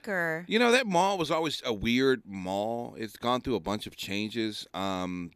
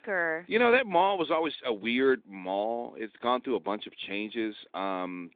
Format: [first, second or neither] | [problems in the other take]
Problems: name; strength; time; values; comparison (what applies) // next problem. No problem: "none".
first | phone-call audio; nothing above 3.5 kHz